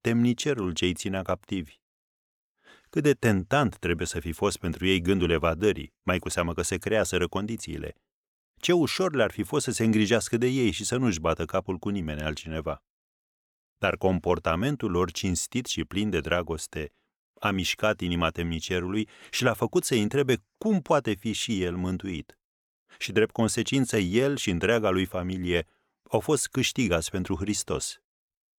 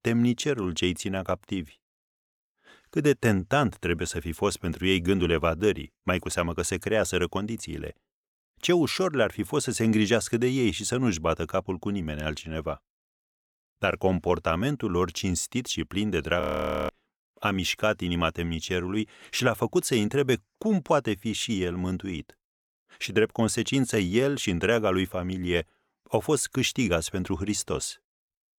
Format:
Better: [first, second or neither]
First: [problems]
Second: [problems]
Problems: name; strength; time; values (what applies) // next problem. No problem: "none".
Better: first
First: none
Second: audio freezing; at 16 s